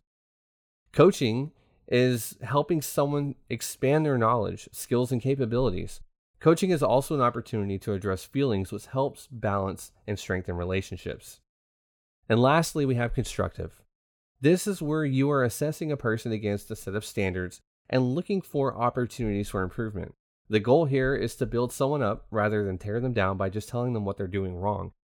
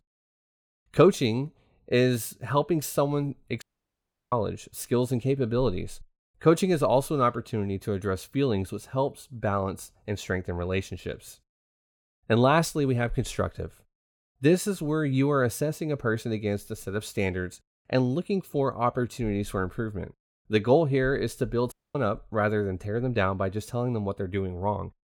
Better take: first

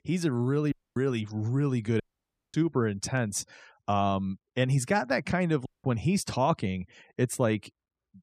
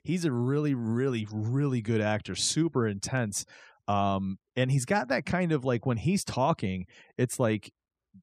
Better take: second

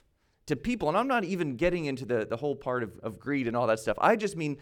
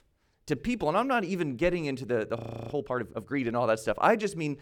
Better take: first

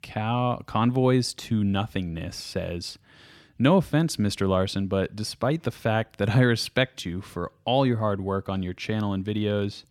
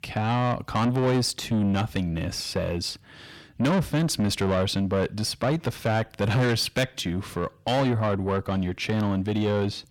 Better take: first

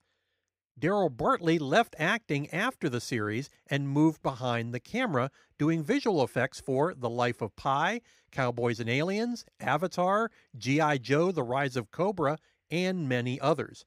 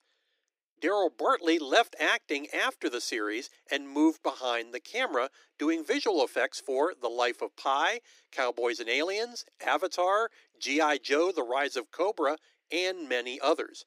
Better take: first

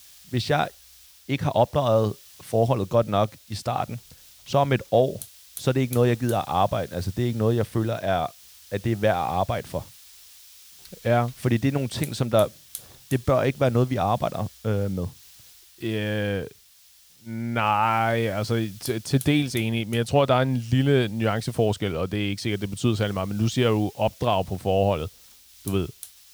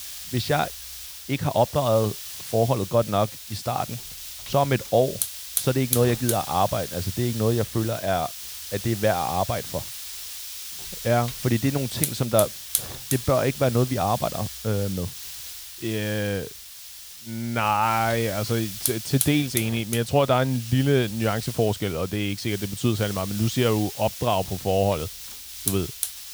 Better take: first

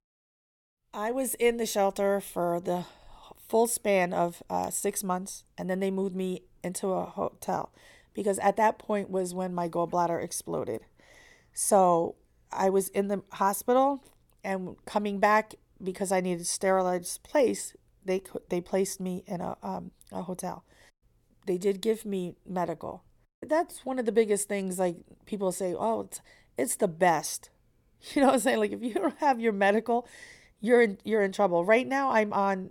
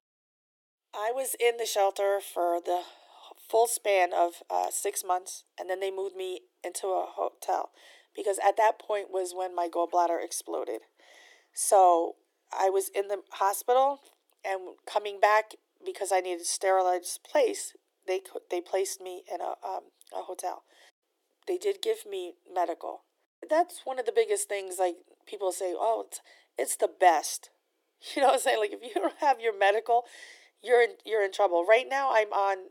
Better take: first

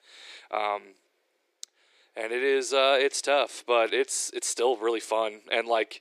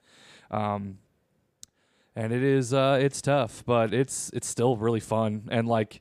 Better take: second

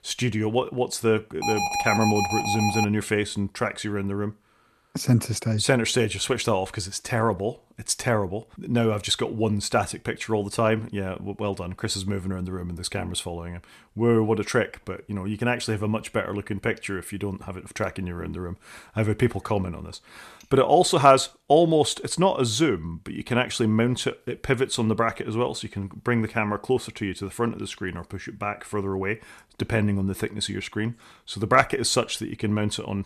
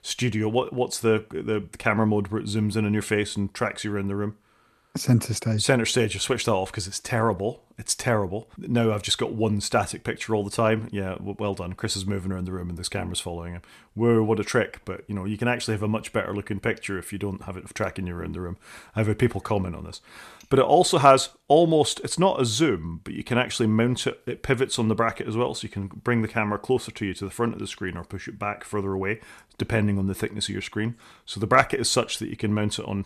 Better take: second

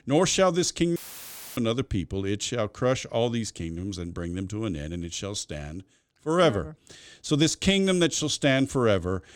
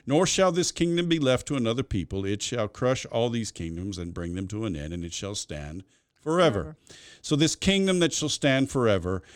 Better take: second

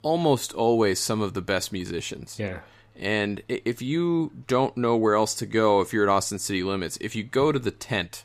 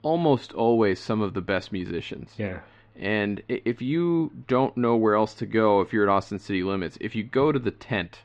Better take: first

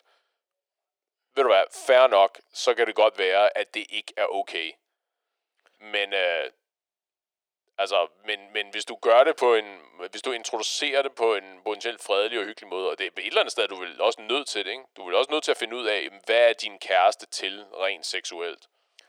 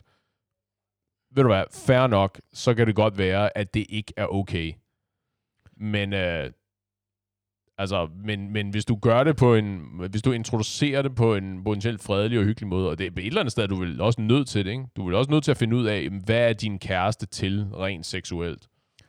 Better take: second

